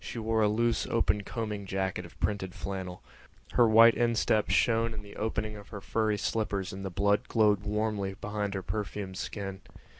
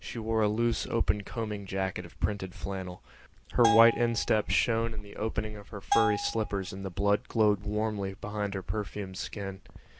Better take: first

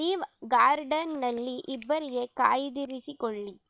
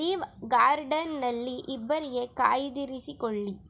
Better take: second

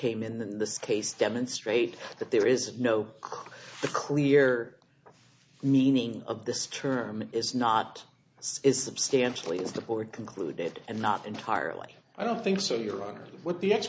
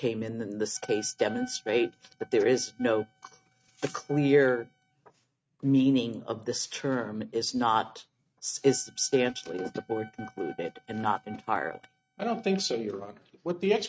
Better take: first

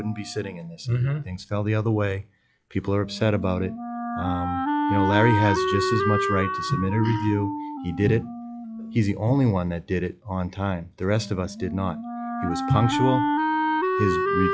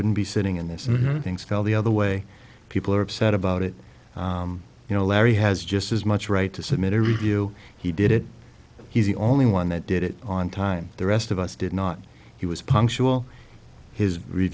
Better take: second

